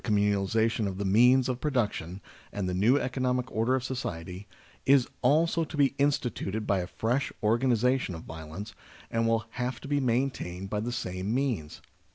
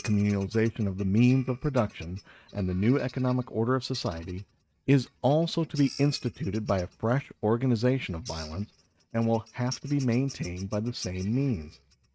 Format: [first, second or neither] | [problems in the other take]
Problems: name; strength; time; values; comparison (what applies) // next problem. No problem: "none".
first | noise reduction (neural mask model RNNoise)